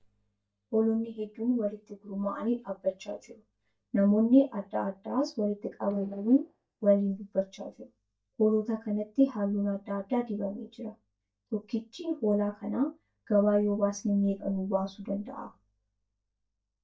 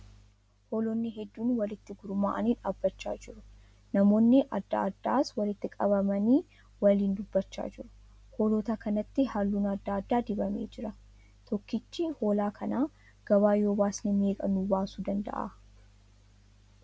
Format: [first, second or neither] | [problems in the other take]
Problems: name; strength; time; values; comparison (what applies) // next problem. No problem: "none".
second | noise reduction (neural mask model DeepFilterNet 3)